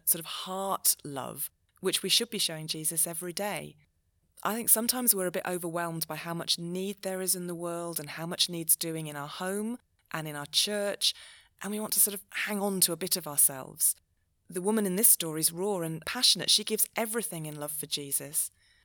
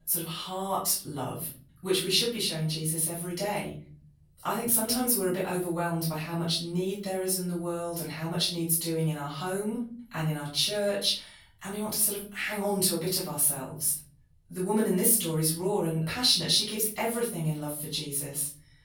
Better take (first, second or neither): first